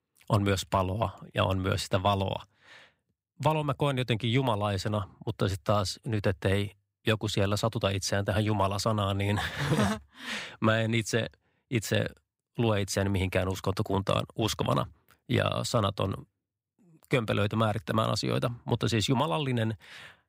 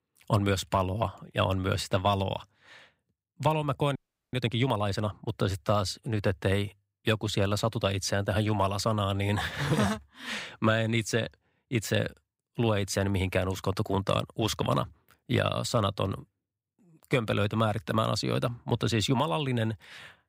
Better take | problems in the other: first | audio freezing; at 4 s

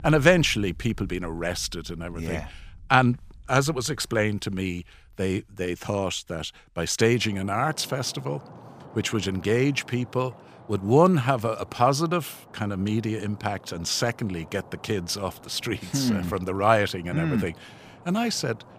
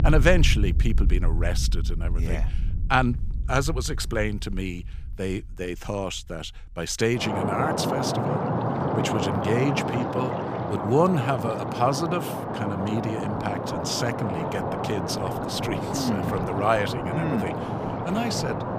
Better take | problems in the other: first | rain or running water; loud; throughout; 1 dB below the speech; faint in the first

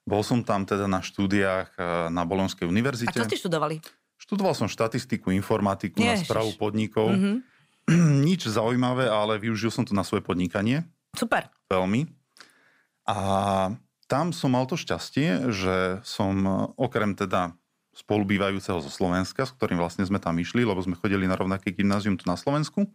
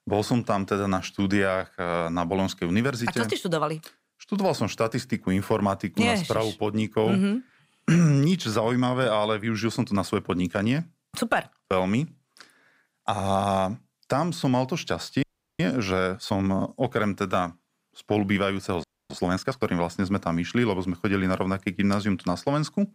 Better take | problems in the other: first | audio freezing; at 15 s and at 19 s

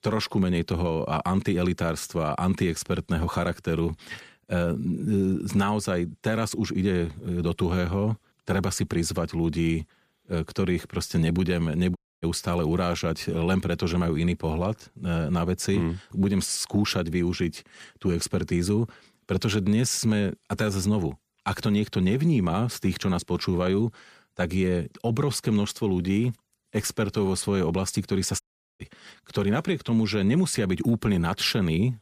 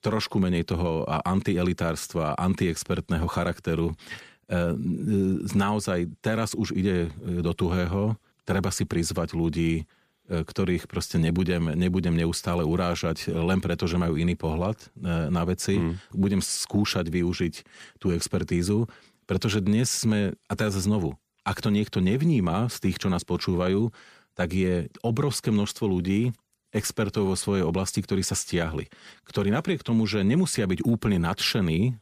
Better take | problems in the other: second | audio cutting out; at 12 s and at 28 s

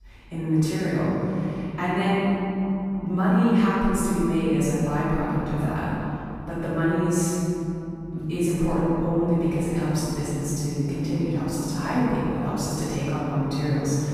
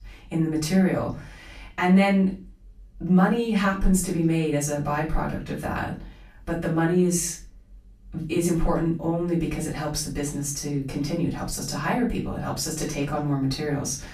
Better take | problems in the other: second | room echo; strong; dies away in 3 s; slight in the second // off-mic speech; far; far in the second

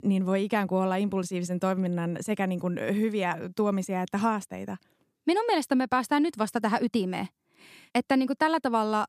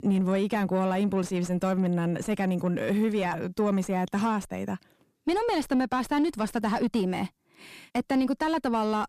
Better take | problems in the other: first | distortion; slight; 10 dB below the speech

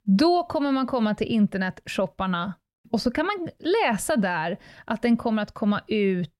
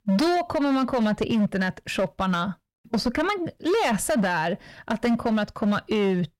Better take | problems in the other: first | distortion; slight; 14% of the sound clipped

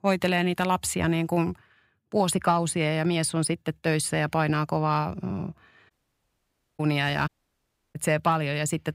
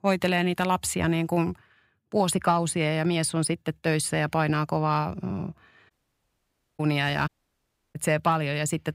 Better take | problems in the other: neither | audio cutting out; at 6 s for 1 s and at 7.5 s for 0.5 s; the same in both

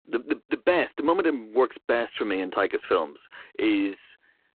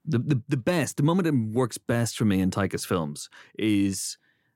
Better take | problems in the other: second | phone-call audio; poor line; nothing above 3.5 kHz

